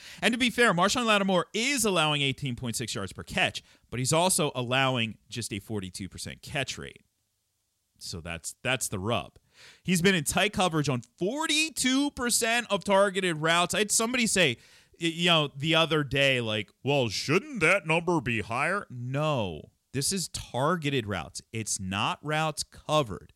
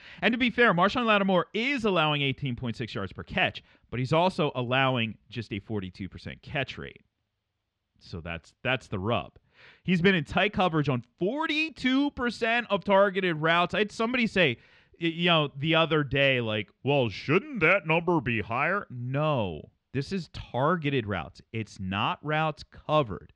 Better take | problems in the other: first | muffled; very; fading above 3 kHz

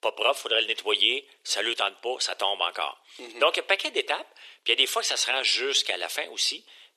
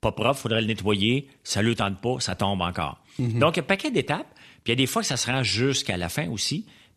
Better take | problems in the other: second | thin; very; fading below 400 Hz

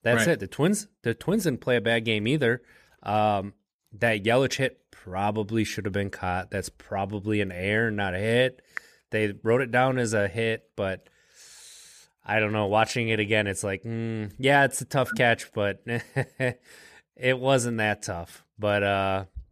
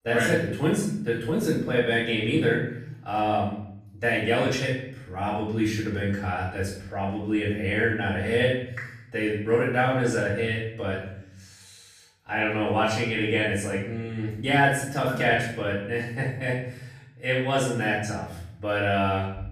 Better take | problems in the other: first | off-mic speech; far // room echo; noticeable; dies away in 0.8 s

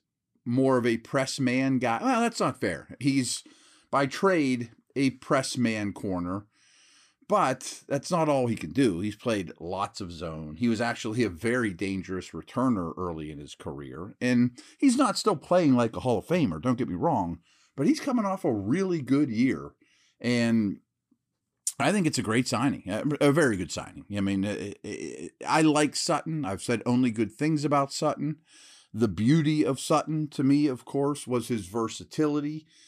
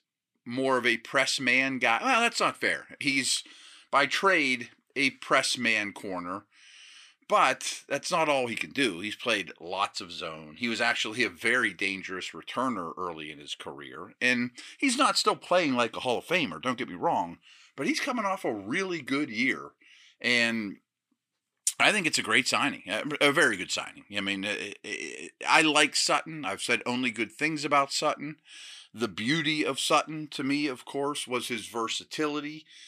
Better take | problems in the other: first | thin; somewhat; fading below 700 Hz

